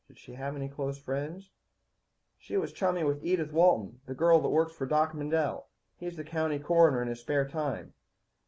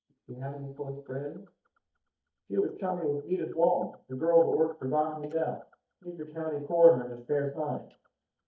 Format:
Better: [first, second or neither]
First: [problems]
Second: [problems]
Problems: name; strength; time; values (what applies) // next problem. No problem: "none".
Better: first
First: none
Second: noise reduction (neural mask model DeepFilterNet 3)